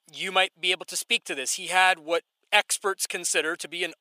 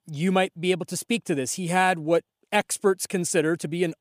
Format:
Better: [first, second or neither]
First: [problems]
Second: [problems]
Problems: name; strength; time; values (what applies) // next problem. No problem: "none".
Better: second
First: thin; very; fading below 650 Hz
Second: none